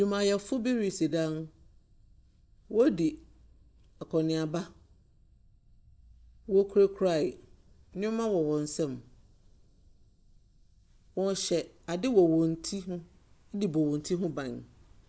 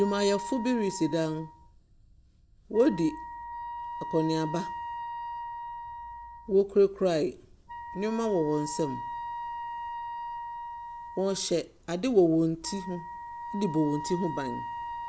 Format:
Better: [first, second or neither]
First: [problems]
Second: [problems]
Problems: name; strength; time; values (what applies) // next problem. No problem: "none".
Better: first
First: none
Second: background sound (Wind instrument, woodwind instrument); 9 dB below the speech